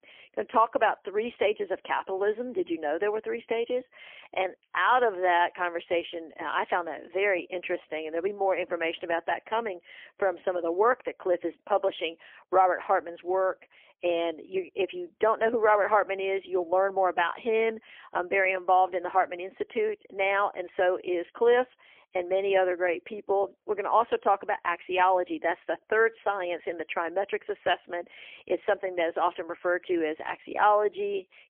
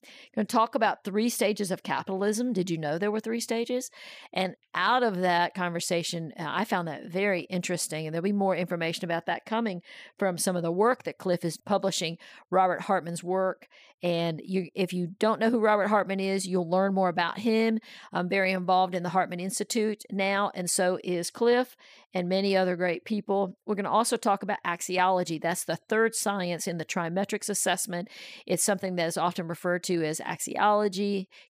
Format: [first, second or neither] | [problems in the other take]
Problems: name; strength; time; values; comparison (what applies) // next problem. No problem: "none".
second | phone-call audio; poor line; nothing above 3.5 kHz